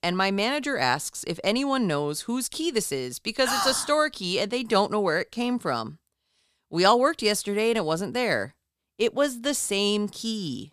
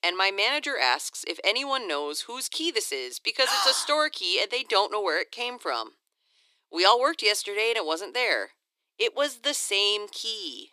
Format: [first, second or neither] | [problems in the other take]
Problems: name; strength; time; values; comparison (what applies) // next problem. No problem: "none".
first | thin; very; fading below 300 Hz